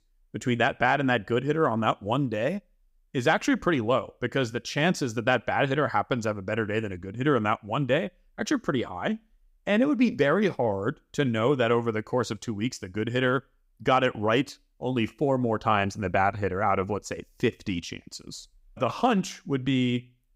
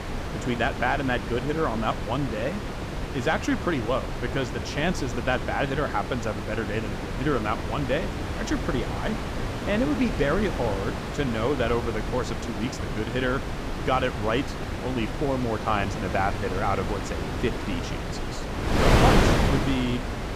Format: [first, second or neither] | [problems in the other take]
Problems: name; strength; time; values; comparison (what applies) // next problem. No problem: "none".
first | wind noise on the microphone; heavy; 3 dB below the speech